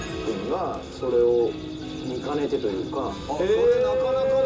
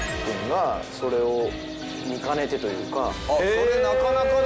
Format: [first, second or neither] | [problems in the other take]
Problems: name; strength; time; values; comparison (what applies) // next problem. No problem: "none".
second | background sound (Fire); 20 dB below the speech // room echo; dies away in 0.2 s